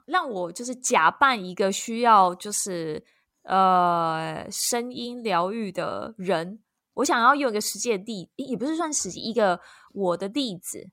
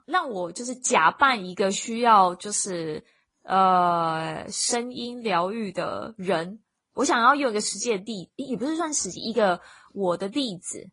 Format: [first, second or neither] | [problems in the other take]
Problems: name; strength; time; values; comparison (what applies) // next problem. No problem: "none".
first | garbled, watery; slightly; nothing above 10 kHz